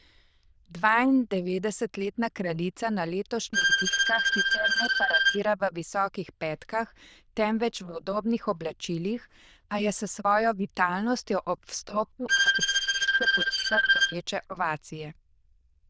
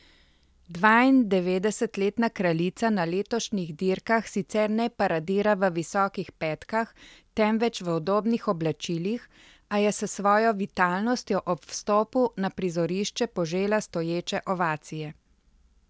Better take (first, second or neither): second